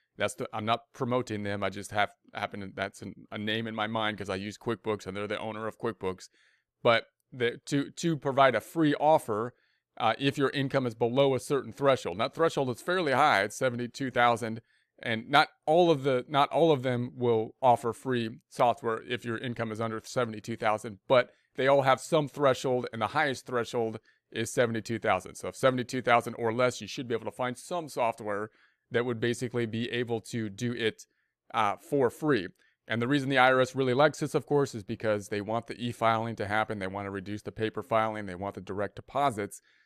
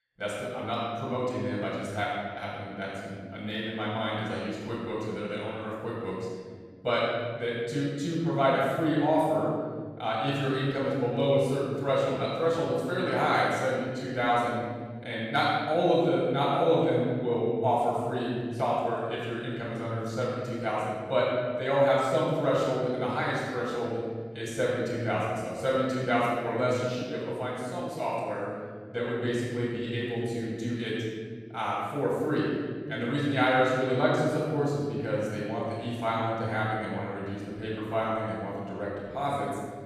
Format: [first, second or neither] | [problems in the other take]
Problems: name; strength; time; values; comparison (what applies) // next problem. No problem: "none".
first | off-mic speech; far // room echo; strong; dies away in 2 s